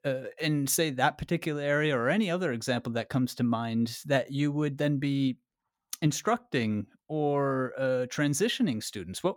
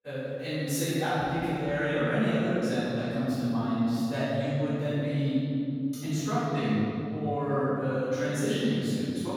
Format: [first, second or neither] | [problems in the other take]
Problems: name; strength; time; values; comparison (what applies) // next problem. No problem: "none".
first | off-mic speech; far // room echo; strong; dies away in 3 s